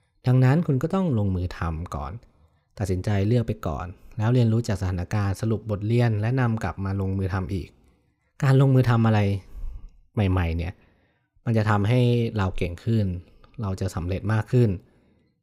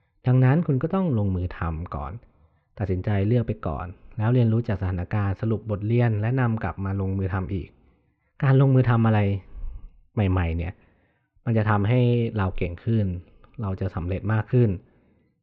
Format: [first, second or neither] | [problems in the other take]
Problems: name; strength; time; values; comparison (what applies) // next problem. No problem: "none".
first | muffled; very; fading above 3 kHz